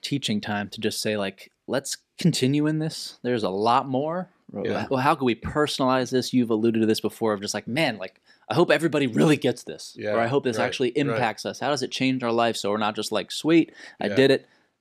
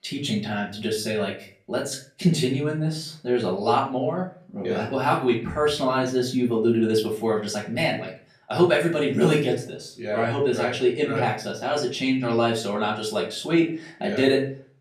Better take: first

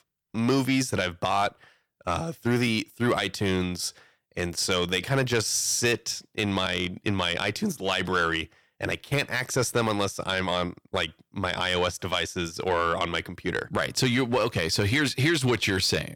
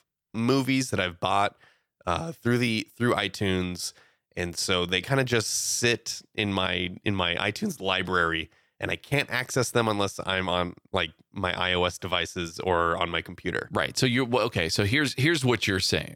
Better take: second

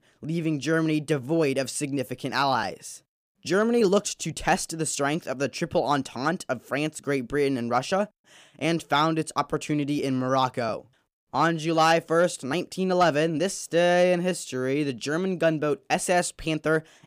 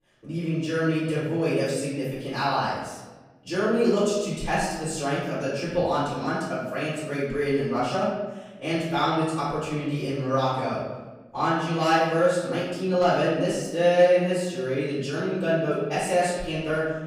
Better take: first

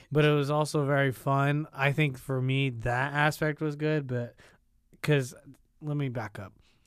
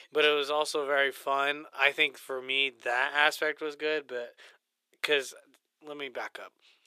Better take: first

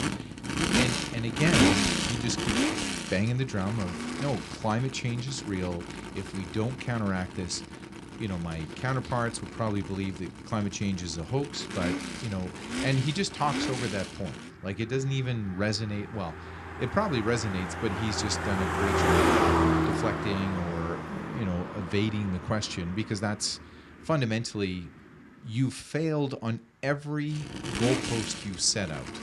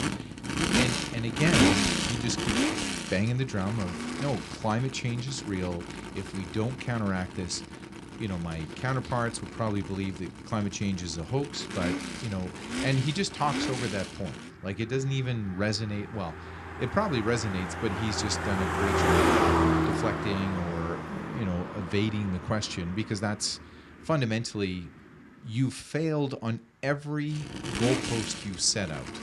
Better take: neither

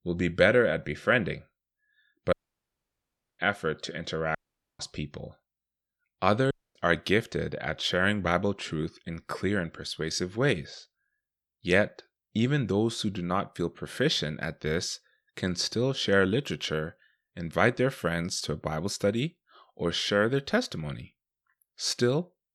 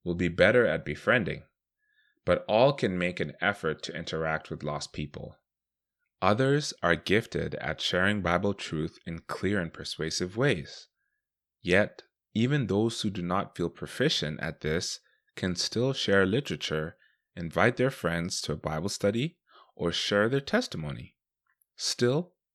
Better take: second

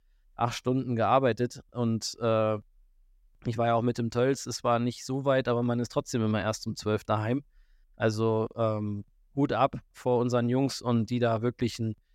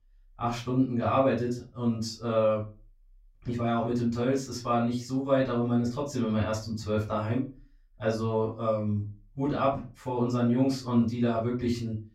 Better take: first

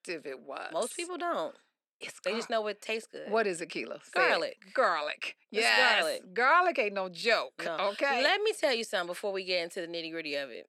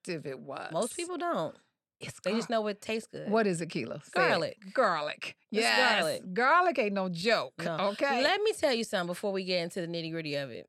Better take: second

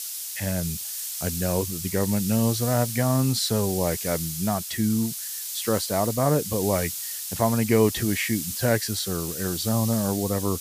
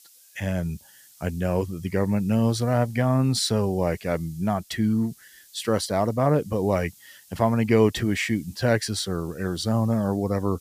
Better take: second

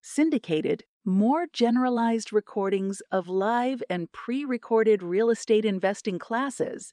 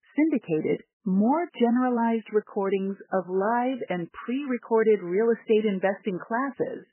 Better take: first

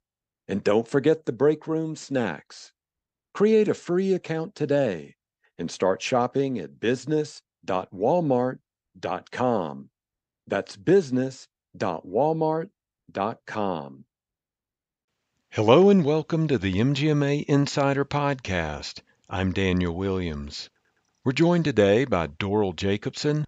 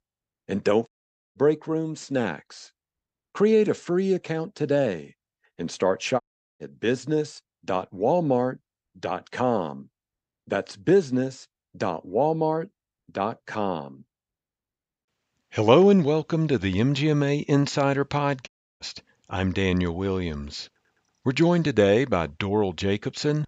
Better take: first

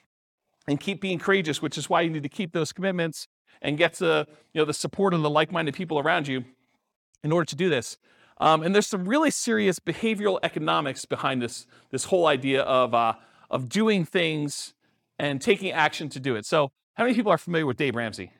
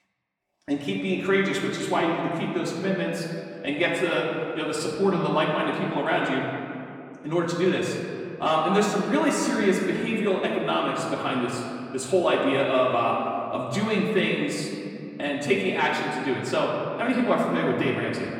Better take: first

